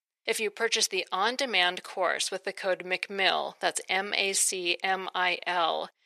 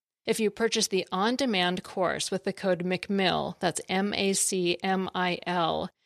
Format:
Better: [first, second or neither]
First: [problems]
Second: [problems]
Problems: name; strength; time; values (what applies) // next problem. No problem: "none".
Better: second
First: thin; very; fading below 500 Hz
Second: none